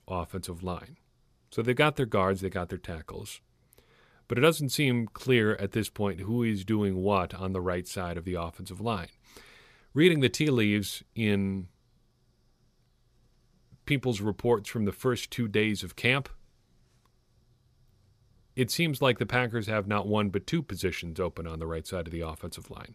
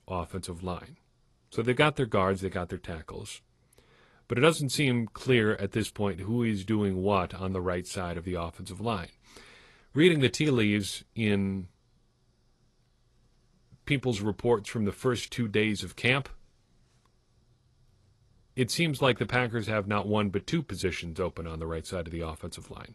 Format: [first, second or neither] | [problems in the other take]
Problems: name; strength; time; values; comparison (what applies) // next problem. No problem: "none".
first | garbled, watery; slightly; nothing above 11.5 kHz